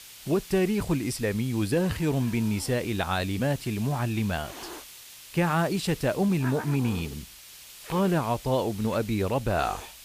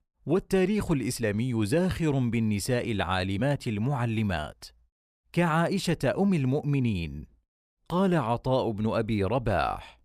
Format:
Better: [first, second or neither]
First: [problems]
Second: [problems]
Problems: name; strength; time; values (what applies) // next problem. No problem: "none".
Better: second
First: hiss; noticeable; throughout; 15 dB below the speech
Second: none